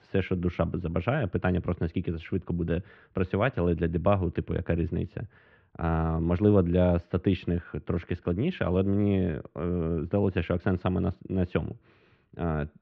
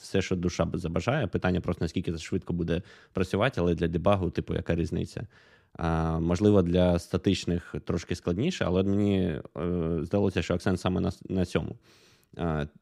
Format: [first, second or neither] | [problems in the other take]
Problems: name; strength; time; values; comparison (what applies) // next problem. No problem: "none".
second | muffled; very; fading above 3 kHz